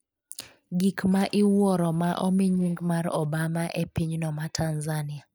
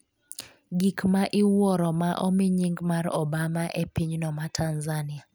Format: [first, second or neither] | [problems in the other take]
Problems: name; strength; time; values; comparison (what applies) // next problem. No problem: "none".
second | noise reduction (neural mask model DeepFilterNet 3)